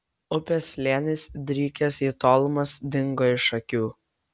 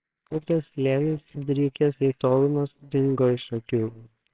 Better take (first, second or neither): first